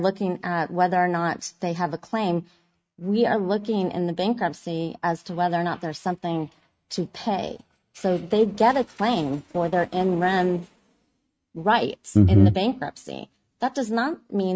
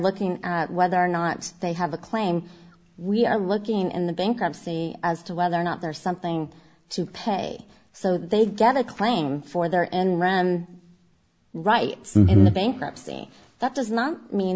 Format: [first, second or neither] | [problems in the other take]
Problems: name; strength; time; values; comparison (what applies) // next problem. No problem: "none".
second | noise reduction (neural mask model RNNoise)